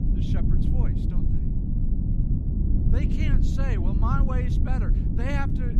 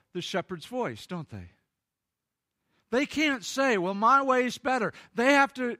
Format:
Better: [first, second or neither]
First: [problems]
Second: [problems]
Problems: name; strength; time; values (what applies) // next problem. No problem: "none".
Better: second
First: low rumble; loud; throughout; 2 dB below the speech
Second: none